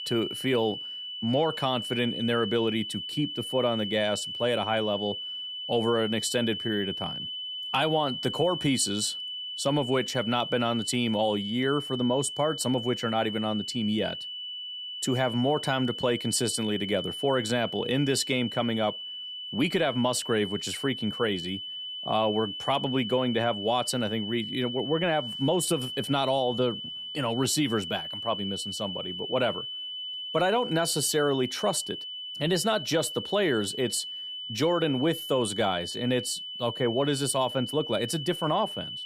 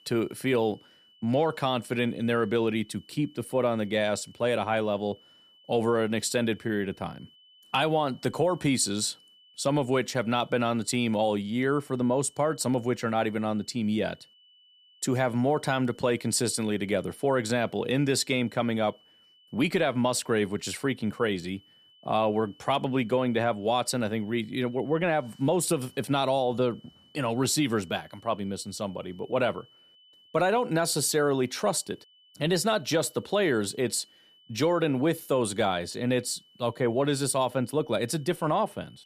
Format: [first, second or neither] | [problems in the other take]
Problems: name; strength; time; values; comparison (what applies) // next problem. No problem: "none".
second | high-pitched whine; loud; throughout; 3 kHz, 6 dB below the speech; faint in the second